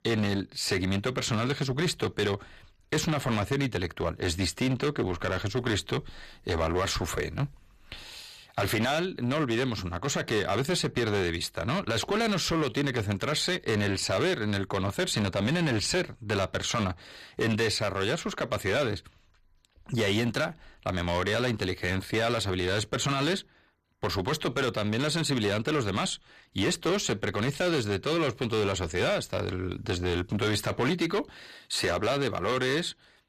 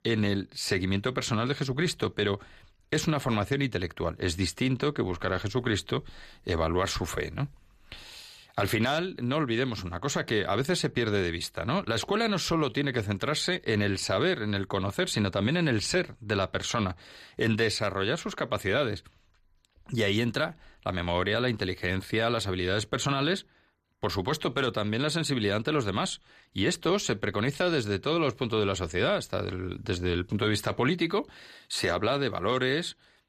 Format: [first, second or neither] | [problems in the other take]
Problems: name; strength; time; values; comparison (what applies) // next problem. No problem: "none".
second | distortion; slight; 9% of the sound clipped